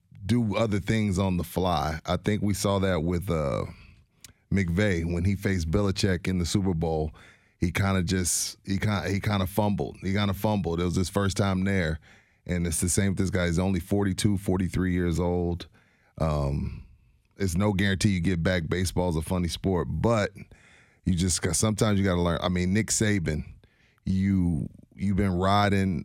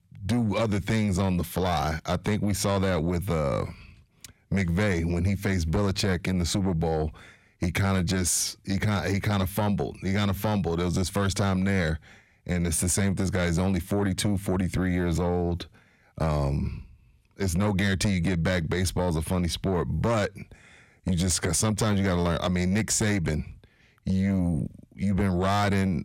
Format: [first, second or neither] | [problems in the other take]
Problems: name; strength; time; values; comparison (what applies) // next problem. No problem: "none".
first | distortion; slight; 10 dB below the speech